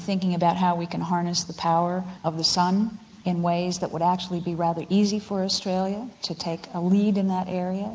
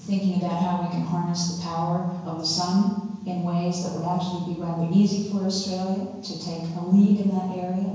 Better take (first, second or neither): first